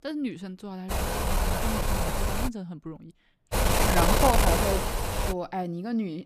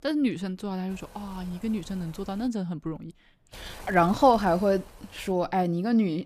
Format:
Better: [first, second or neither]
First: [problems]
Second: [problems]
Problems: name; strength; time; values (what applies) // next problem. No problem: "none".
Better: second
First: wind noise on the microphone; heavy; from 1 to 2.5 s and from 3.5 to 5.5 s; 4 dB above the speech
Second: wind noise on the microphone; occasional gusts; from 1 to 2.5 s and from 3.5 to 5.5 s; 25 dB below the speech